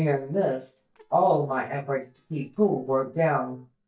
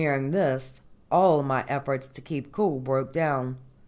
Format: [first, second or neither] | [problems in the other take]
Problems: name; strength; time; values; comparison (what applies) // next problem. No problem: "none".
second | noise reduction (neural mask model DeepFilterNet 3)